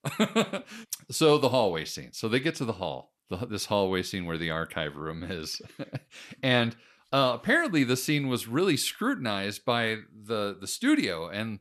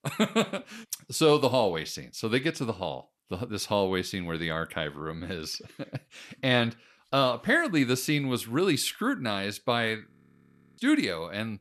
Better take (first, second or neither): first